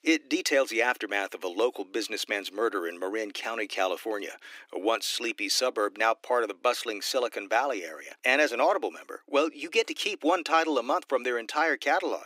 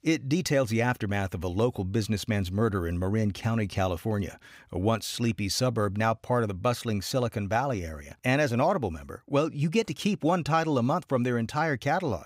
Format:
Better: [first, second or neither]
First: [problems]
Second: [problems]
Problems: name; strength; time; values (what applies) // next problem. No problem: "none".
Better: second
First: thin; very; fading below 300 Hz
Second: none